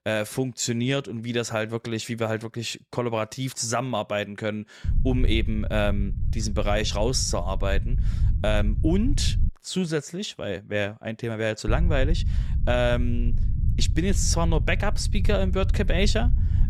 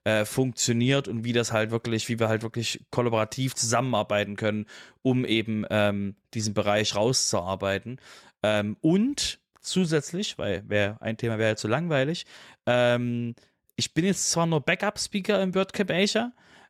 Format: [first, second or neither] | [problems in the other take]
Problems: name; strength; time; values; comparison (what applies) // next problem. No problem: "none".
second | low rumble; noticeable; from 5 to 9.5 s and from 12 s on; 15 dB below the speech